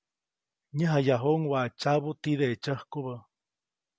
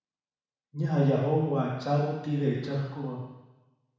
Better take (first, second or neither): first